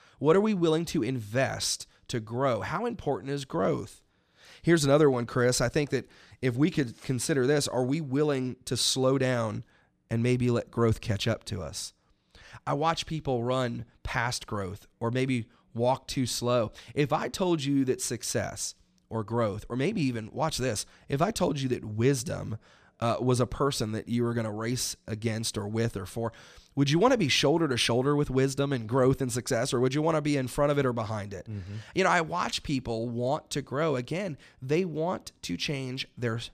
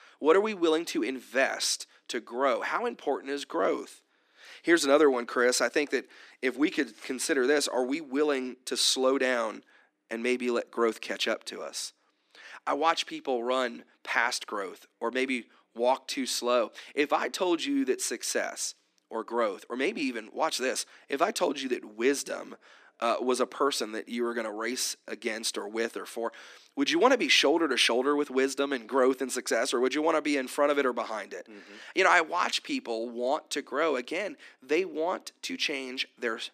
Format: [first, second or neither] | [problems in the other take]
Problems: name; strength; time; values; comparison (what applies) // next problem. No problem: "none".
first | thin; somewhat; fading below 250 Hz